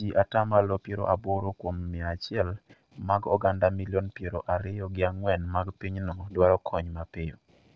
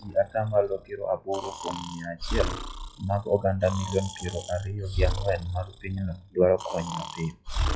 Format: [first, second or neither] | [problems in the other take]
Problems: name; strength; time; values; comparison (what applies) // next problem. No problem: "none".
first | noise reduction (classical method WPE with log-MMSE)